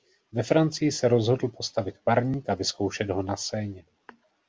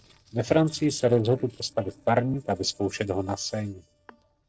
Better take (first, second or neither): first